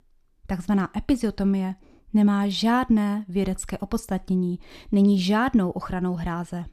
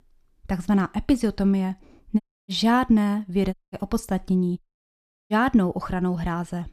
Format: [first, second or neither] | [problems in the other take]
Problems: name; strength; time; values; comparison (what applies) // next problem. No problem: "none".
first | audio cutting out; at 2 s, at 3.5 s and at 4.5 s for 0.5 s